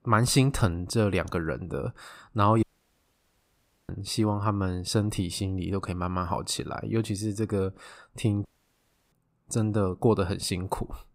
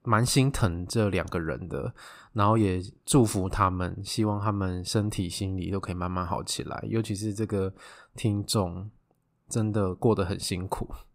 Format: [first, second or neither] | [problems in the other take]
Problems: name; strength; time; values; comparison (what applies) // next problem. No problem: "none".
second | audio cutting out; at 2.5 s for 1.5 s and at 8.5 s for 0.5 s